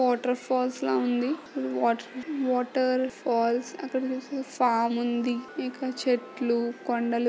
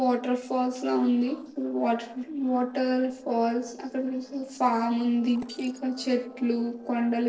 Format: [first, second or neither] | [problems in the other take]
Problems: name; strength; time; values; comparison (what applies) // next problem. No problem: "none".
first | noise reduction (neural separator model SepFormer DNS4)